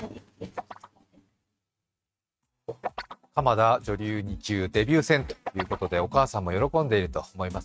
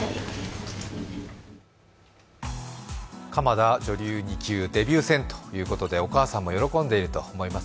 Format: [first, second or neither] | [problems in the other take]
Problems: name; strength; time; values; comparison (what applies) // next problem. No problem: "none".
second | noise reduction (neural mask model RNNoise)